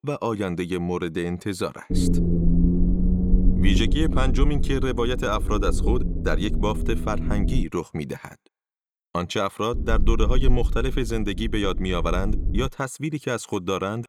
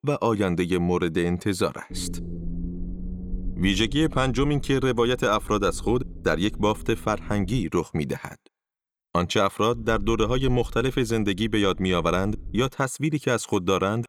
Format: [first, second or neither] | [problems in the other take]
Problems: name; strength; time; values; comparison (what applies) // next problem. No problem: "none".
second | low rumble; loud; from 2 to 7.5 s and from 9.5 to 13 s; 7 dB below the speech; faint in the second